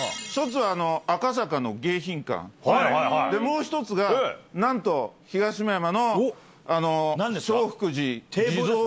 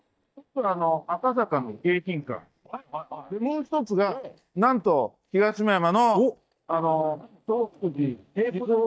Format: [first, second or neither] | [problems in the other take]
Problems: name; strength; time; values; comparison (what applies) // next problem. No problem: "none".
first | noise reduction (neural mask model DeepFilterNet 3)